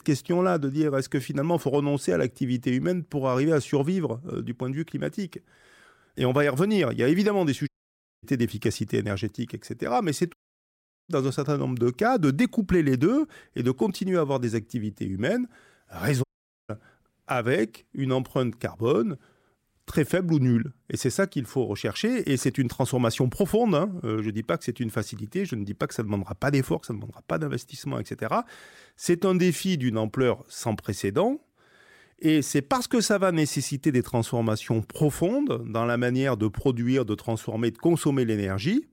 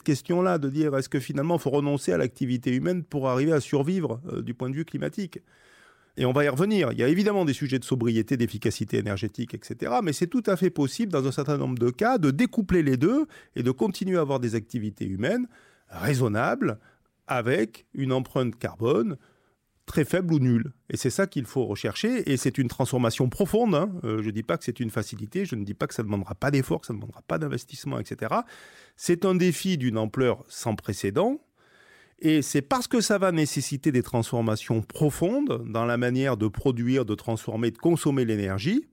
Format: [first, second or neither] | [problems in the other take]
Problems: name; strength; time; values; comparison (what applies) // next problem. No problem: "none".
second | audio cutting out; at 7.5 s for 0.5 s, at 10 s for 1 s and at 16 s